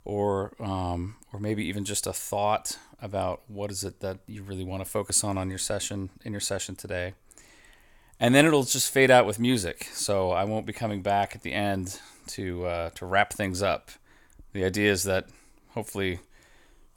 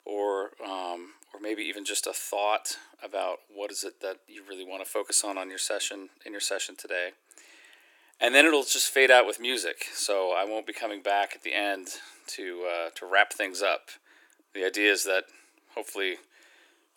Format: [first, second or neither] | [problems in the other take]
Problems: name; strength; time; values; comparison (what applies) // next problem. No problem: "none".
first | thin; very; fading below 300 Hz